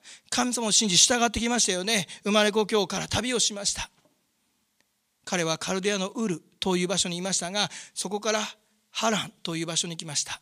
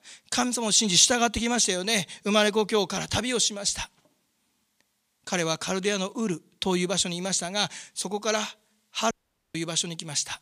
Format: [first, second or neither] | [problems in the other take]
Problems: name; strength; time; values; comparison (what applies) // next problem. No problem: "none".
first | audio cutting out; at 9 s